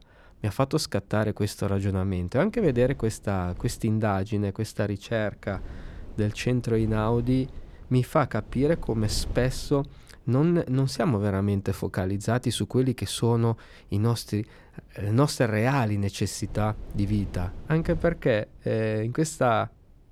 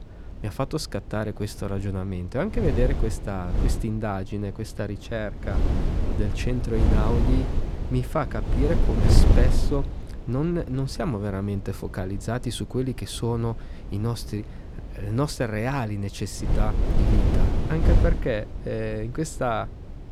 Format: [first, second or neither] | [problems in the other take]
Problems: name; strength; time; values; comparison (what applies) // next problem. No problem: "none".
first | wind noise on the microphone; heavy; 4 dB below the speech; occasional gusts in the first